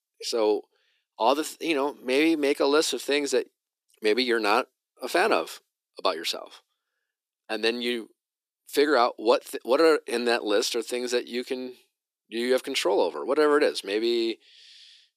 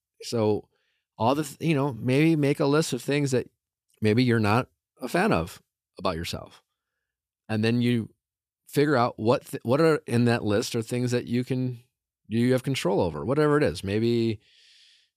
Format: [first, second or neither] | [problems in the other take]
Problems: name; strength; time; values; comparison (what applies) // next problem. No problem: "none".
second | thin; somewhat; fading below 300 Hz